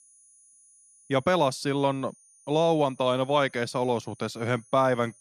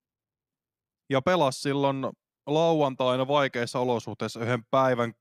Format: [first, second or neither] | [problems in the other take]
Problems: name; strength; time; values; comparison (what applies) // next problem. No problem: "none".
second | high-pitched whine; faint; throughout; 9.5 kHz, 30 dB below the speech